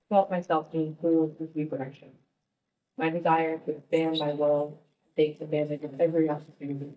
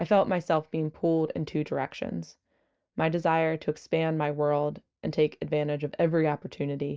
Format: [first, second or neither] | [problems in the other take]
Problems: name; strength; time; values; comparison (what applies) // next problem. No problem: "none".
second | noise reduction (neural mask model DeepFilterNet 3)